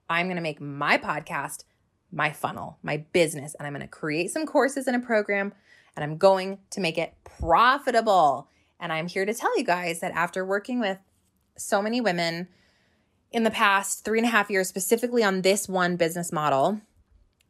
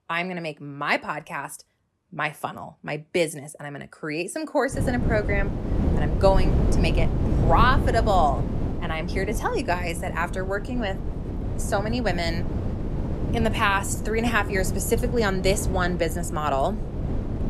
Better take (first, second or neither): first